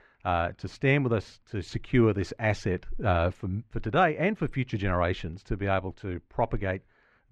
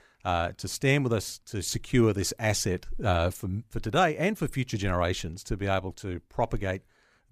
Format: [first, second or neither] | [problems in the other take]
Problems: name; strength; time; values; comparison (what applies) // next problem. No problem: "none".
second | muffled; very; fading above 2 kHz